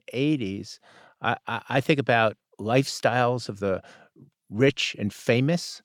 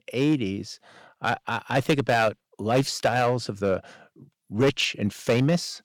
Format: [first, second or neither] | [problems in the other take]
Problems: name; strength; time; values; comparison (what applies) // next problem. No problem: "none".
first | distortion; slight; 4% of the sound clipped